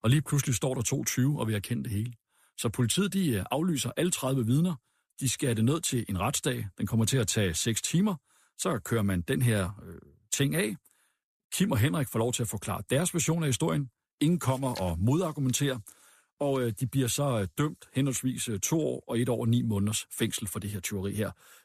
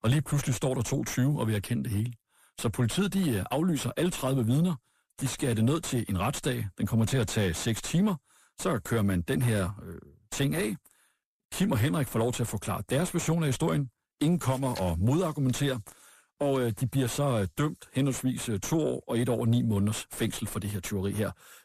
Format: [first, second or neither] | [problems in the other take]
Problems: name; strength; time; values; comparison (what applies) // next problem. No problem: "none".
first | distortion; slight; 10 dB below the speech